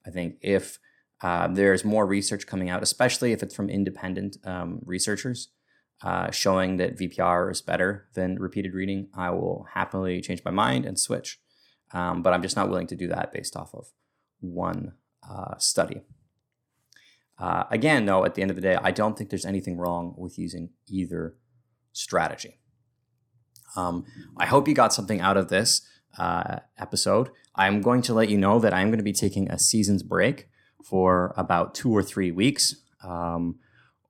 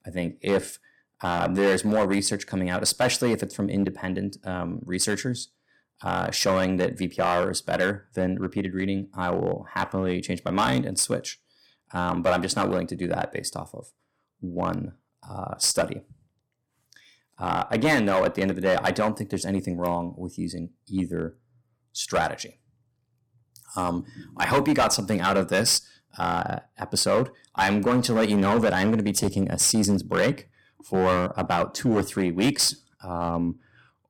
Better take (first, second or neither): first